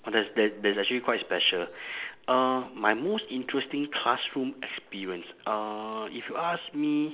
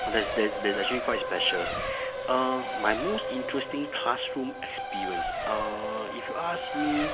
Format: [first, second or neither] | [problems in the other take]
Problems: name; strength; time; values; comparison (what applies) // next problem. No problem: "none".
first | background sound (Race car, auto racing); 2 dB below the speech